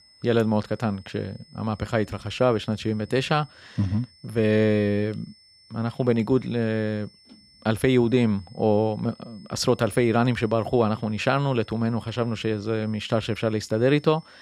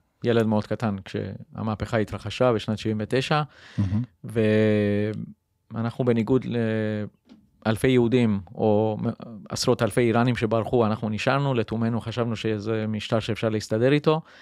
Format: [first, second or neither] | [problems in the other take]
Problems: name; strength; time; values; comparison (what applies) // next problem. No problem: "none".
second | high-pitched whine; faint; throughout; 5 kHz, 30 dB below the speech